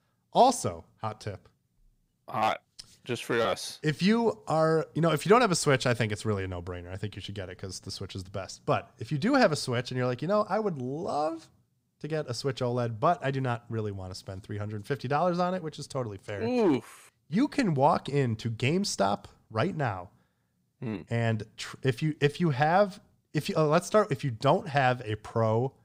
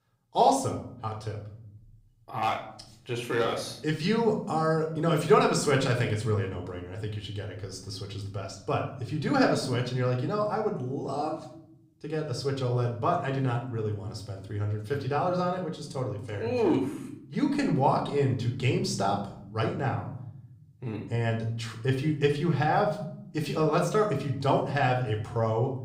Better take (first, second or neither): first